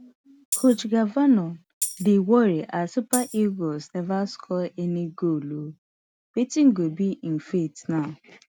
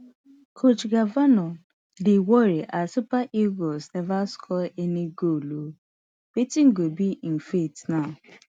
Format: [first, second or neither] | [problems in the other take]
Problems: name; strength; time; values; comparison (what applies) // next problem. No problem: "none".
second | background sound (Tambourine); 11 dB below the speech